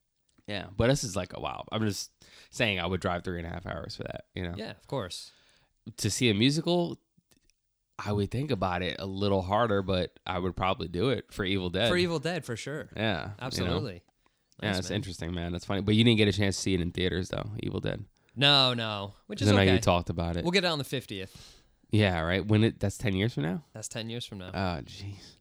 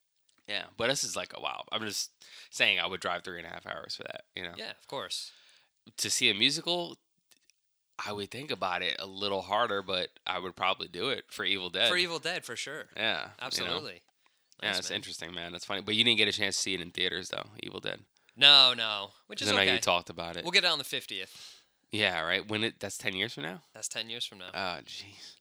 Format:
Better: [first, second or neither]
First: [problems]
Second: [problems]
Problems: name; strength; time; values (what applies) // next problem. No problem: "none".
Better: first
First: none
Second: thin; somewhat; fading below 1 kHz